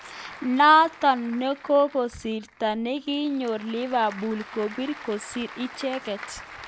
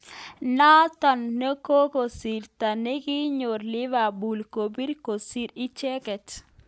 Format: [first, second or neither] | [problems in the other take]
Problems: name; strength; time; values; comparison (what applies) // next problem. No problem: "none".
second | background sound (Applause / Crowd); 18 dB below the speech